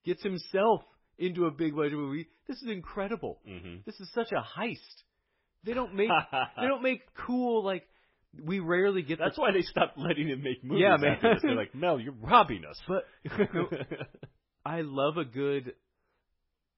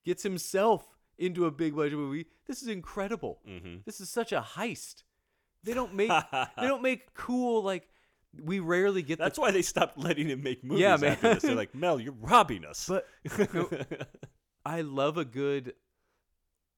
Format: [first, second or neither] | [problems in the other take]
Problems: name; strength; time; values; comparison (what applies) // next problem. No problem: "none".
second | garbled, watery; badly; nothing above 5.5 kHz